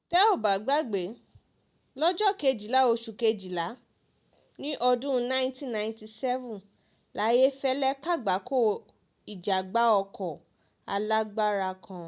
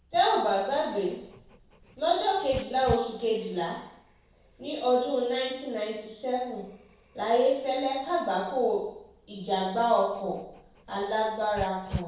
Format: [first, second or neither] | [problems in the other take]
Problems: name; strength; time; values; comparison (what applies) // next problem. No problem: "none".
first | background sound (Dog); 17 dB below the speech // room echo; dies away in 0.7 s